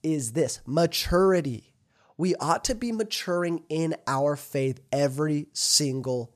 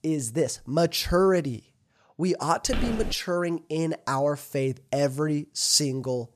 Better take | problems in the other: first | footsteps; noticeable; at 2.5 s; peak 6 dB below the speech

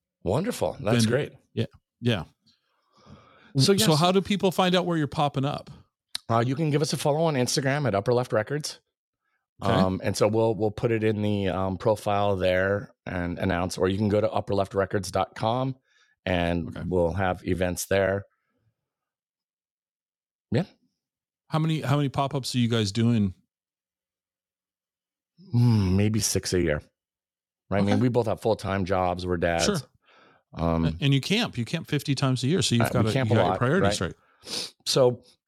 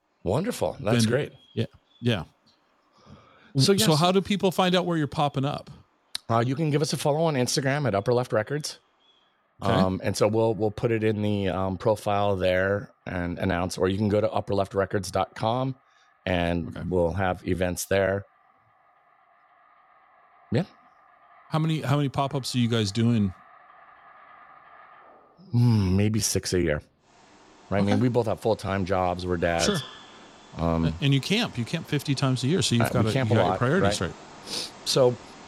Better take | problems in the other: first | animal sounds; faint; throughout; 20 dB below the speech

